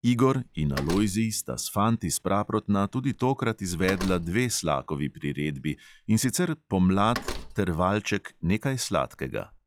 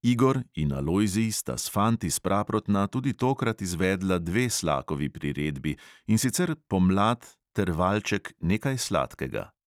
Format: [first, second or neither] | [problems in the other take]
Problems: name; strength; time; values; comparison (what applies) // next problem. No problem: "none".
second | noise reduction (classical method log-MMSE)